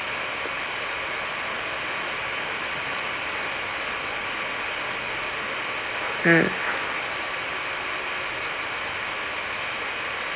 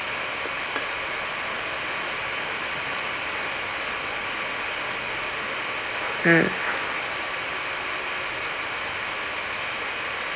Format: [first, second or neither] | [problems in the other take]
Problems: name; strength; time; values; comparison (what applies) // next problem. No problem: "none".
first | background sound (Bowed string instrument); 15 dB below the speech